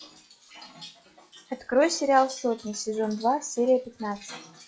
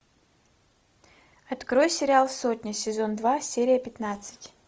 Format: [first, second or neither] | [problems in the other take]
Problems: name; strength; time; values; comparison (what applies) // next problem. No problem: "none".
second | noise reduction (classical method log-MMSE)